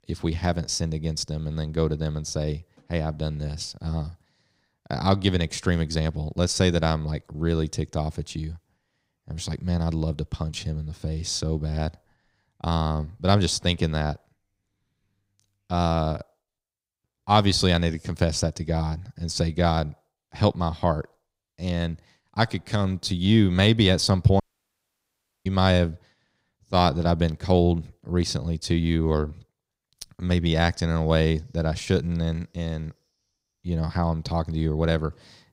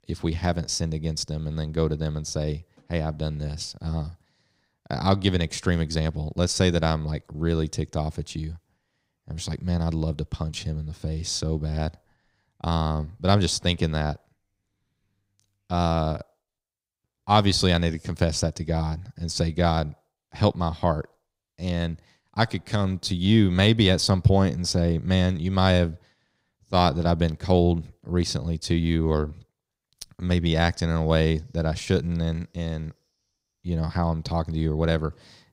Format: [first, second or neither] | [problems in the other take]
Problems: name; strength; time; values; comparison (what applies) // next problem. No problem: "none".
second | audio cutting out; at 24 s for 1 s